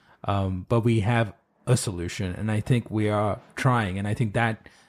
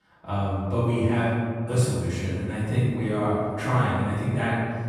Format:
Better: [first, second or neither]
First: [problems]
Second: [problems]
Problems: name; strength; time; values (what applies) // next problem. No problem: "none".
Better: first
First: none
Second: room echo; strong; dies away in 1.5 s // off-mic speech; far